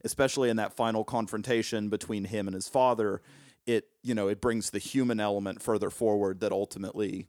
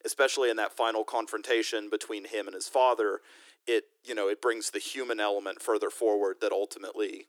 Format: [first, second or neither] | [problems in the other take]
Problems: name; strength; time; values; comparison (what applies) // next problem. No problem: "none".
first | thin; very; fading below 300 Hz